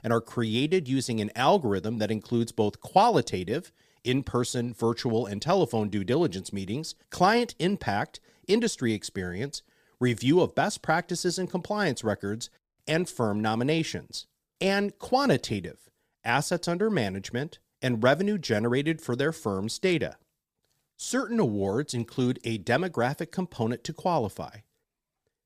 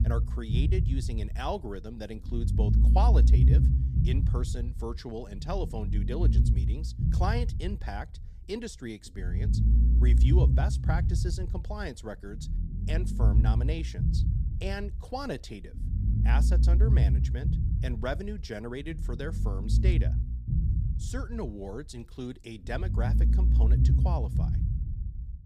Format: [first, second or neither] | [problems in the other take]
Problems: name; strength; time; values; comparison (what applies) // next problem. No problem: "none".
first | low rumble; loud; throughout; 4 dB below the speech